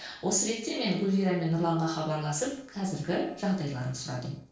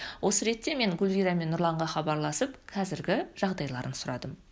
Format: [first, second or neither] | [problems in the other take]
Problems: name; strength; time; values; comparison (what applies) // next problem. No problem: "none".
second | noise reduction (neural separator model SepFormer DNS4)